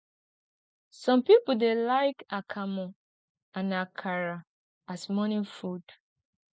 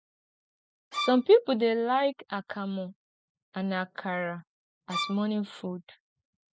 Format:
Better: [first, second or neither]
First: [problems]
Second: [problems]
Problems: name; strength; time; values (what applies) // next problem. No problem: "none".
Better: first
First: none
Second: background sound (Bowed string instrument); 6 dB below the speech